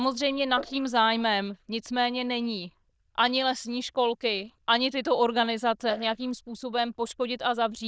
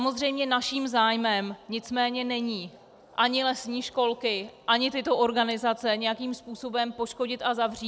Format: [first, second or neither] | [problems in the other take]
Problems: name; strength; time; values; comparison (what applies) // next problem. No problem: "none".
second | noise reduction (neural diffusion model UNIVERSE++)